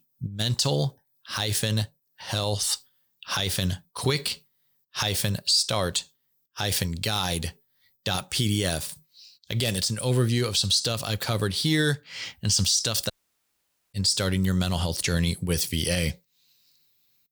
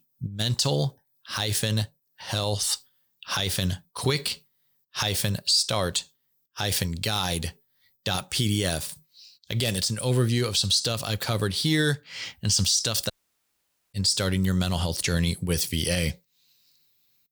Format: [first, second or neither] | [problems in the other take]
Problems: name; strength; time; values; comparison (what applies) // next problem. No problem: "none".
neither | audio cutting out; at 13 s for 1 s; the same in both